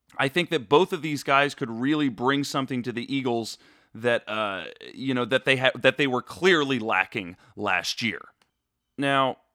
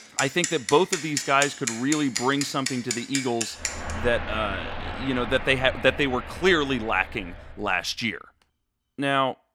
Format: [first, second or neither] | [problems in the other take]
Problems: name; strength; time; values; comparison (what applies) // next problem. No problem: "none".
first | traffic noise; loud; until 7.5 s; 7 dB below the speech